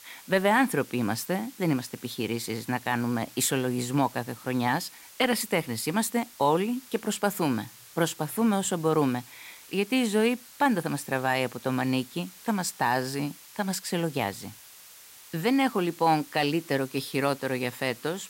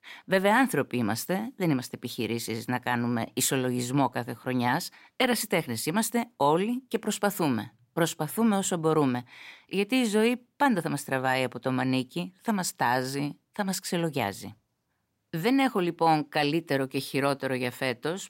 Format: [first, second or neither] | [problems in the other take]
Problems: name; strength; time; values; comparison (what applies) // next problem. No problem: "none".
second | hiss; noticeable; throughout; 20 dB below the speech